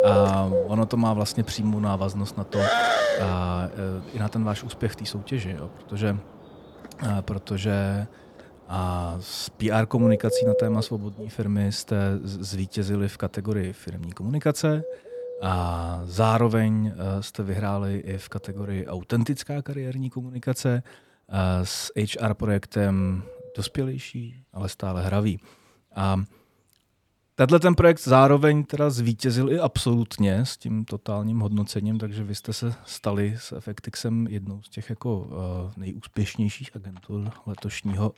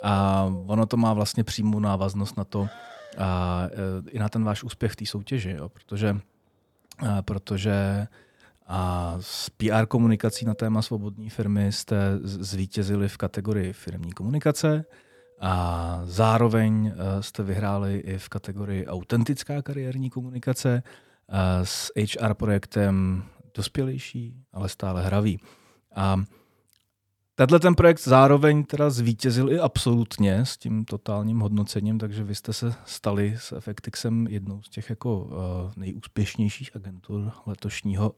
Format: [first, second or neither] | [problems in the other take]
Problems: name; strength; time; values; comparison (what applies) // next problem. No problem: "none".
second | animal sounds; loud; throughout; 4 dB below the speech; faint in the second